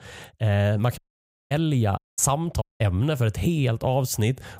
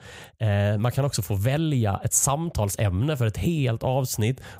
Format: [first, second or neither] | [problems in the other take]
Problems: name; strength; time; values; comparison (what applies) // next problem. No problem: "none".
second | audio cutting out; at 1 s for 0.5 s, at 2 s and at 2.5 s